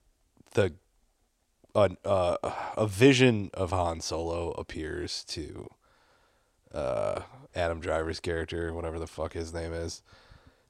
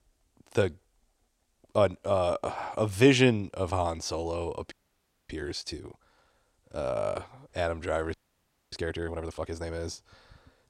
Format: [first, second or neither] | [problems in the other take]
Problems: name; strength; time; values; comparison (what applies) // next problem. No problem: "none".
first | audio freezing; at 4.5 s for 0.5 s and at 8 s for 0.5 s